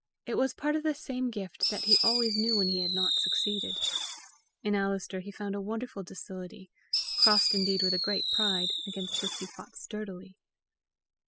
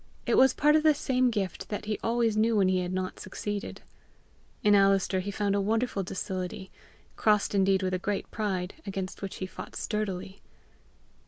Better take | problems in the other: second | noise reduction (classical method spectral subtraction)

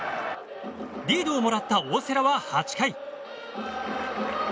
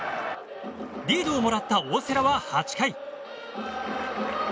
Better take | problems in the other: first | background sound (Explosion); 10 dB below the speech

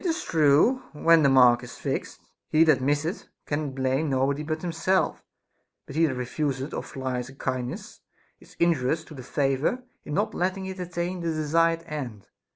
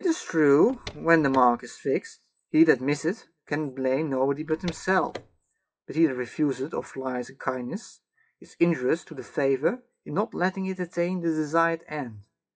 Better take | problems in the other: first | noise reduction (classical method WPE with log-MMSE)

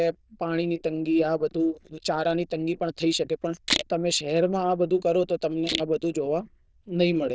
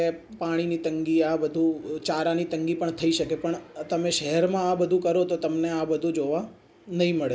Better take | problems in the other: second | noise reduction (neural diffusion model UNIVERSE++)

